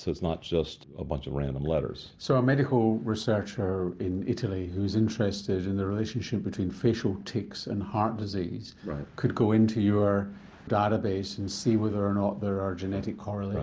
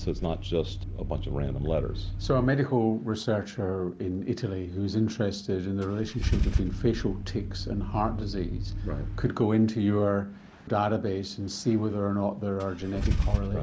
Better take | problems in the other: first | background sound (Idling / Engine starting / Car); 5 dB below the speech

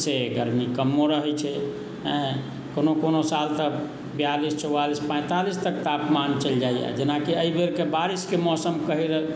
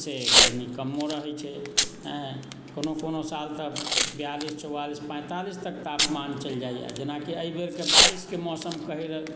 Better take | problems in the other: first | background sound (Packing tape, duct tape / Tearing); 4 dB above the speech

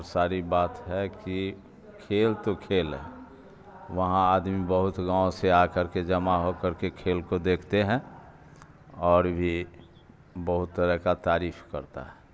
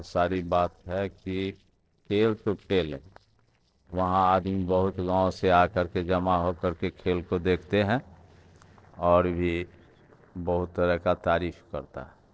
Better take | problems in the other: first | noise reduction (neural separator model SepFormer DNS4)

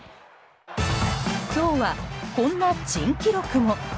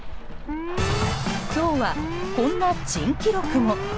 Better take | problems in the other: first | background sound (Alarm + Rain); 6 dB below the speech

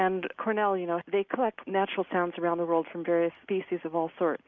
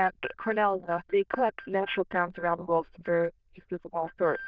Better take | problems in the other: first | noise reduction (neural diffusion model UNIVERSE++)

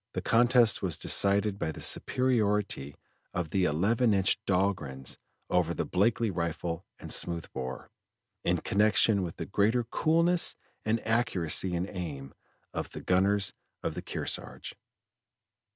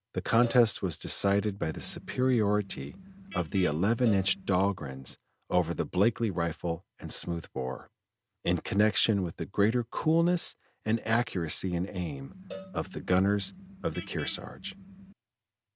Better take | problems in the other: first | background sound (Vehicle horn, car horn, honking + Cowbell); 17 dB below the speech

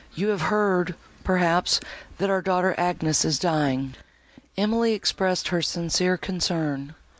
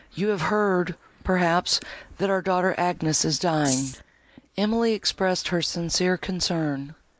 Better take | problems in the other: first | noise reduction (neural mask model Resemble Enhance denoiser)

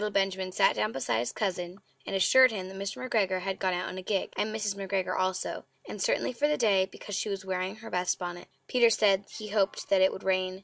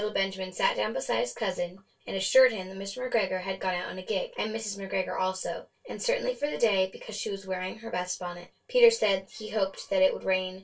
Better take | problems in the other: first | room echo; dies away in 0.2 s

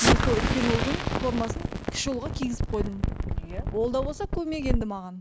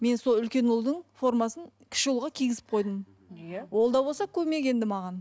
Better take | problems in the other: second | background sound (Explosion); 2 dB above the speech

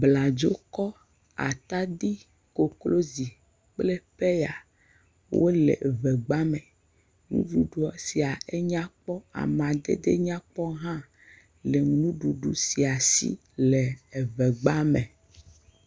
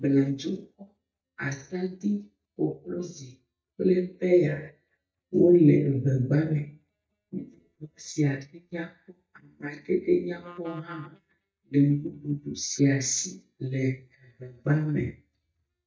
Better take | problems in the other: first | noise reduction (neural mask model DeepFilterNet 3)

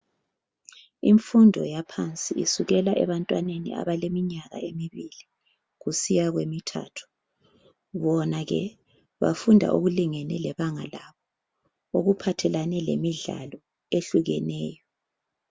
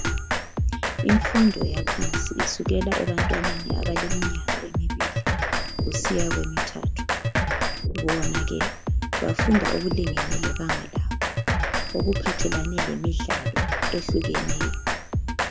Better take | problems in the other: first | background sound (Drum kit); 4 dB above the speech

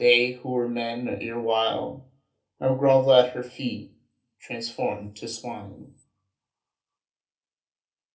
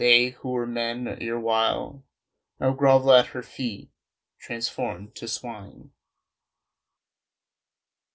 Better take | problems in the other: second | room echo; dies away in 0.3 s

